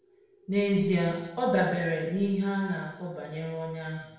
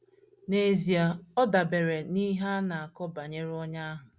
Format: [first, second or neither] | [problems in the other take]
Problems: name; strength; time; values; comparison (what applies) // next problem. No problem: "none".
second | room echo; dies away in 0.9 s